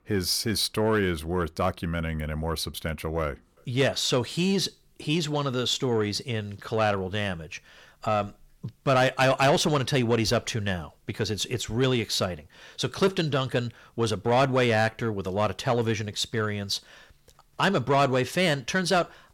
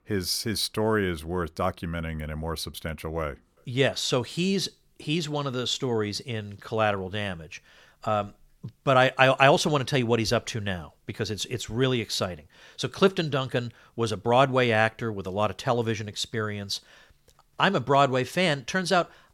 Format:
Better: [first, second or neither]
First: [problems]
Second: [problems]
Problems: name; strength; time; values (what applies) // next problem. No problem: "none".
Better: second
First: distortion; slight; 10 dB below the speech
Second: none